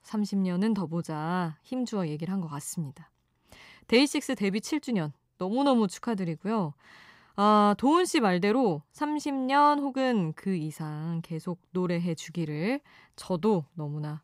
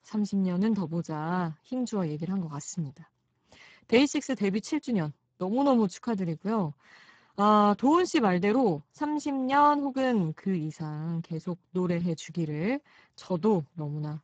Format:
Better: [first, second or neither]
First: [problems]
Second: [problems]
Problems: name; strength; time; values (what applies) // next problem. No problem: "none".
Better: first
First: none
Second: garbled, watery; badly; nothing above 7.5 kHz